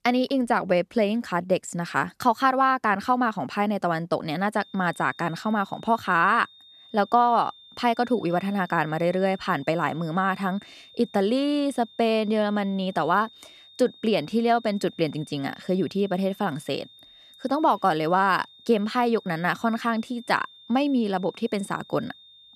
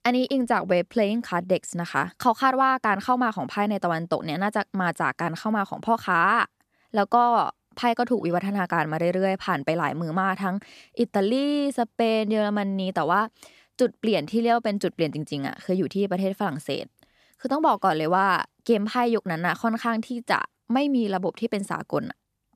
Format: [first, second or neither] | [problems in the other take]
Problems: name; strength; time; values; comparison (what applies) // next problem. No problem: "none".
second | high-pitched whine; faint; from 4.5 s on; 3.5 kHz, 25 dB below the speech